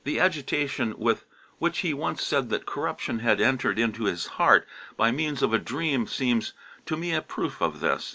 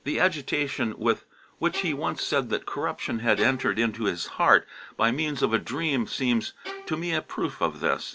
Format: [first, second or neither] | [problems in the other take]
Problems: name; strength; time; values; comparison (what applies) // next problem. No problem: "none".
first | background sound (Bowed string instrument); 17 dB below the speech